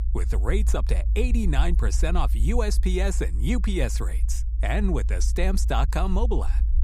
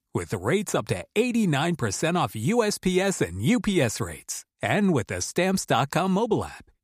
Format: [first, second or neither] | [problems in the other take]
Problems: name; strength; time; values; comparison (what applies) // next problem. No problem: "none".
second | low rumble; noticeable; throughout; 15 dB below the speech